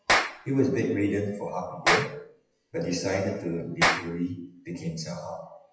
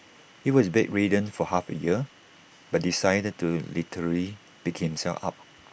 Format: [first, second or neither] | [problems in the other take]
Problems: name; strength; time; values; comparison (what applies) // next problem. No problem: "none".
second | noise reduction (classical method WPE with log-MMSE)